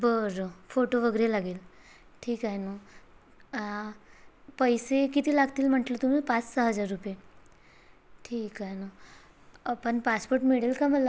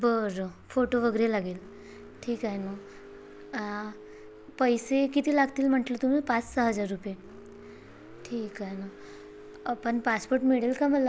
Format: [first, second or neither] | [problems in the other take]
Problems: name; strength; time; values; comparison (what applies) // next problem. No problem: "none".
first | background sound (Car); 20 dB below the speech